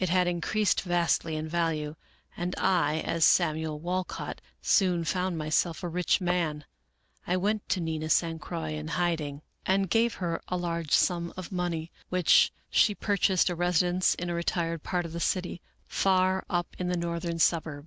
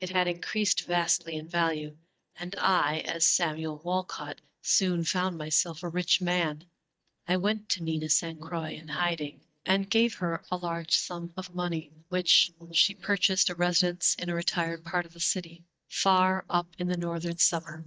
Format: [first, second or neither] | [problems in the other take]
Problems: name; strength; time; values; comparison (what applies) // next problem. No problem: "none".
first | noise reduction (neural mask model DeepFilterNet 3)